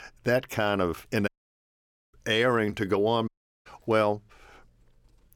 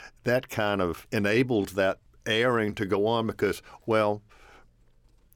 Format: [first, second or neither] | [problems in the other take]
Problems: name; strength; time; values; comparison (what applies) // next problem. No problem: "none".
second | audio cutting out; at 1.5 s for 1 s and at 3.5 s